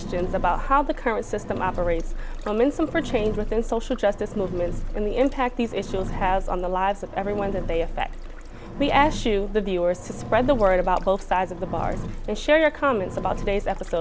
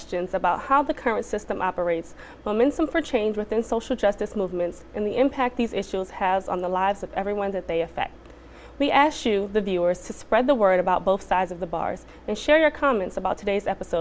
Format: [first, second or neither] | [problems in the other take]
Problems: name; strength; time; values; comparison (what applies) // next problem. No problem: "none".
second | background sound (Engine); 6 dB below the speech